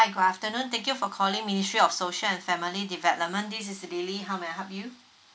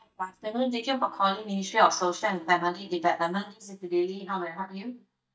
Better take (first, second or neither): first